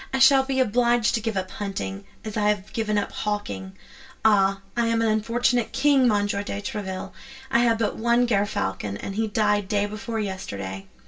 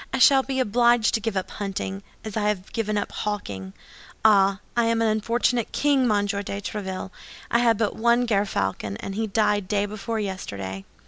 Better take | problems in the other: second | room echo; dies away in 0.2 s

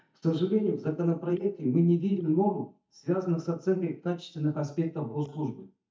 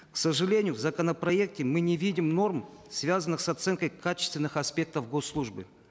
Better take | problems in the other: second | noise reduction (neural mask model DeepFilterNet 3)

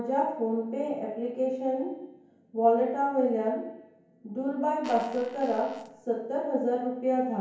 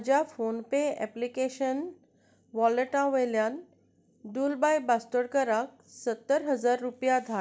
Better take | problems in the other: second | background sound (Fart); 17 dB below the speech // room echo; dies away in 1 s

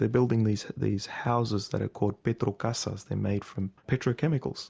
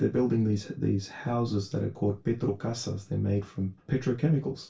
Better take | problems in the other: first | room echo; dies away in 0.2 s

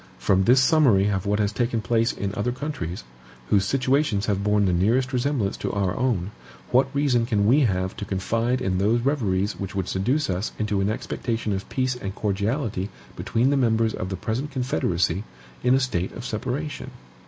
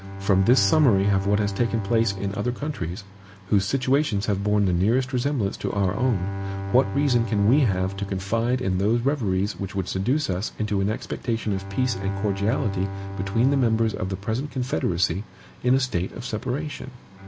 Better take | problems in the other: first | background sound (Bowed string instrument); 10 dB below the speech

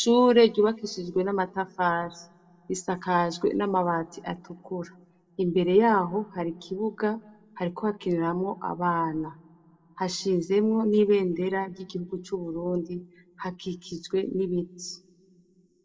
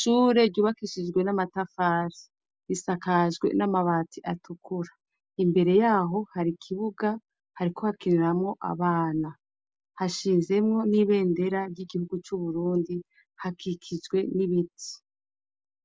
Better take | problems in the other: second | room echo; dies away in 0.3 s

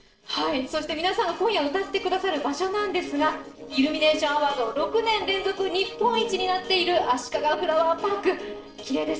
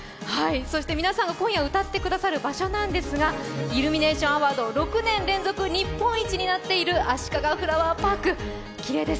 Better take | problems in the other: second | noise reduction (neural separator model SepFormer DNS4)

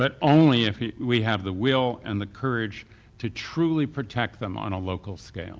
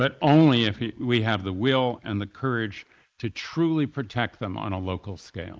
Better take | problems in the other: first | noise reduction (neural mask model Resemble Enhance denoiser)

